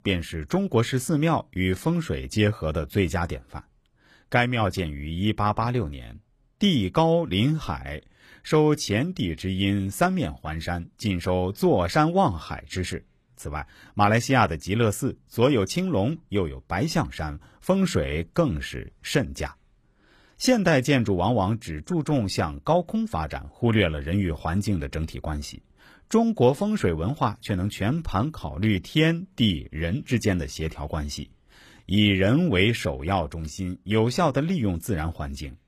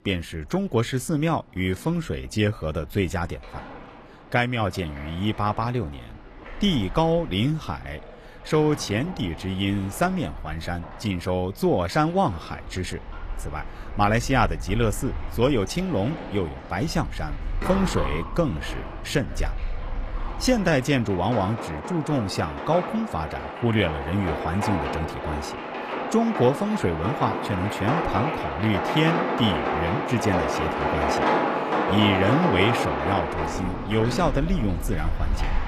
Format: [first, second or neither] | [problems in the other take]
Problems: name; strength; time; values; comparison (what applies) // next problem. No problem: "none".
first | rain or running water; loud; throughout; 4 dB below the speech